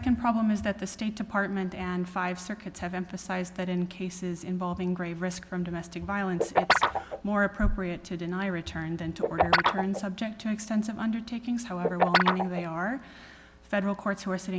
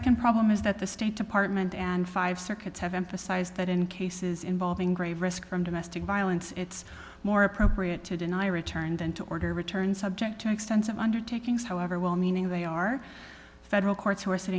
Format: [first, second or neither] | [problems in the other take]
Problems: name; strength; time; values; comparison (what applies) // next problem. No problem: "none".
second | background sound (Guitar); 1 dB above the speech